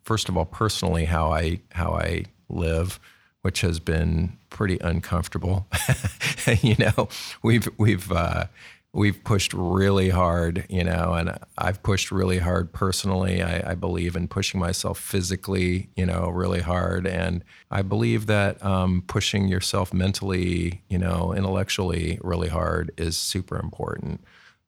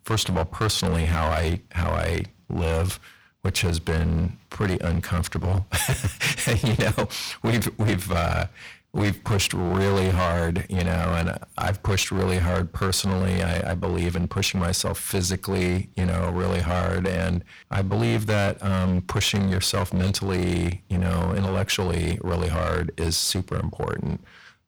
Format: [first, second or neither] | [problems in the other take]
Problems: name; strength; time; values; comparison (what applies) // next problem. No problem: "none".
first | distortion; heavy; 15% of the sound clipped